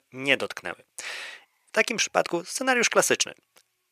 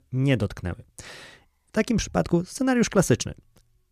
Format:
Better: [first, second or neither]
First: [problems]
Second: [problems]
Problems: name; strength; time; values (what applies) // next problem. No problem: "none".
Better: second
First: thin; very; fading below 600 Hz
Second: none